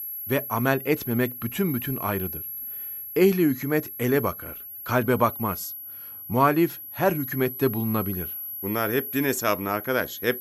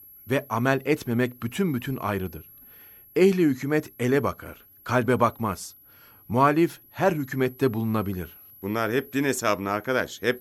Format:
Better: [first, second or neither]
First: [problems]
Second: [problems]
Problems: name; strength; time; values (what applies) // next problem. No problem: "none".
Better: second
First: high-pitched whine; loud; throughout; 11.5 kHz, 8 dB below the speech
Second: high-pitched whine; faint; throughout; 11.5 kHz, 25 dB below the speech